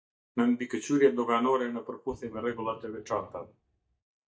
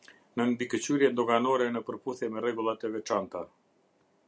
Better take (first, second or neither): second